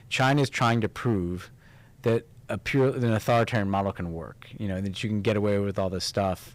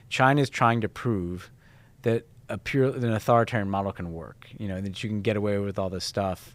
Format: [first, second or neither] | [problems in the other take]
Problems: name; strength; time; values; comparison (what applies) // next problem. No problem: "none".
second | distortion; slight; 4% of the sound clipped